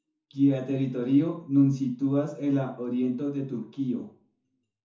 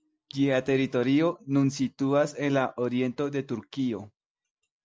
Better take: second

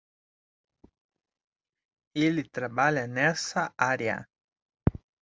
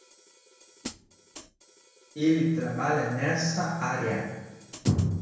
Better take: first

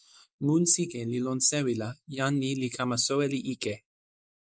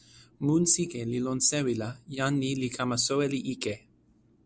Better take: second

